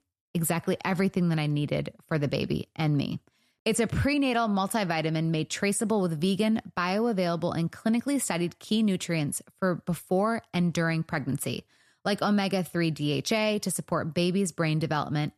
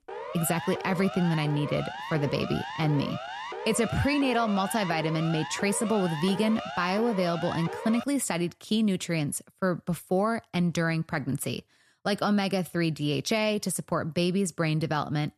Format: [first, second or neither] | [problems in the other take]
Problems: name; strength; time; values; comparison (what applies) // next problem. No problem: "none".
first | siren; noticeable; until 8 s; peak 8 dB below the speech